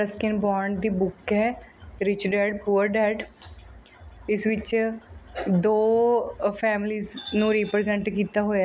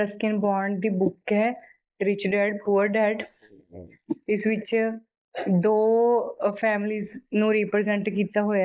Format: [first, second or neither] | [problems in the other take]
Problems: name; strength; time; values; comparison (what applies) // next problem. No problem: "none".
first | noise reduction (neural mask model Resemble Enhance denoiser)